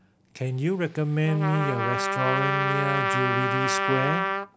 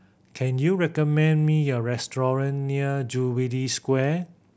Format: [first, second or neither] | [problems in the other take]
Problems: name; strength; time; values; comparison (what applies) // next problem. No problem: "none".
second | background sound (Trumpet); as loud as the speech